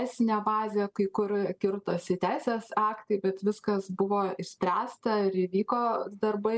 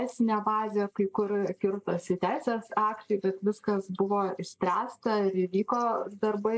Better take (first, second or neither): first